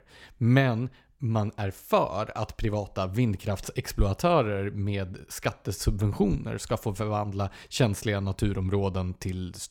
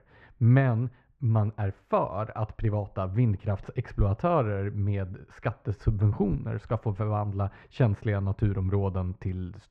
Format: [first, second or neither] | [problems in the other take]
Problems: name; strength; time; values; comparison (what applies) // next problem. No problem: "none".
first | muffled; very; fading above 1.5 kHz